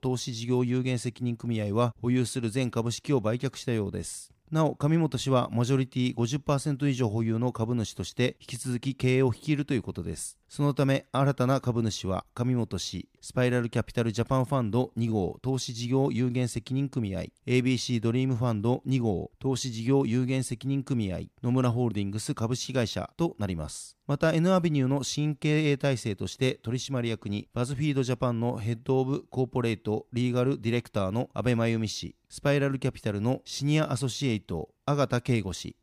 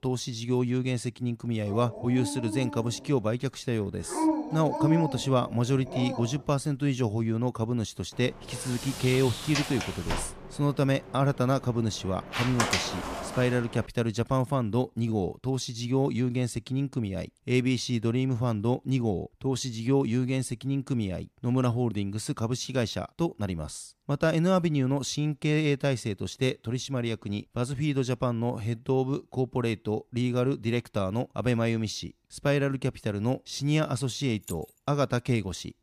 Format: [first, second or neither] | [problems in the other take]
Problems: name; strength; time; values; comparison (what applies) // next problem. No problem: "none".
first | dog barking; loud; from 1.5 to 6.5 s; peak 1 dB above the speech // door banging; loud; from 8.5 to 14 s; peak 2 dB above the speech // jangling keys; faint; at 34 s; peak 15 dB below the speech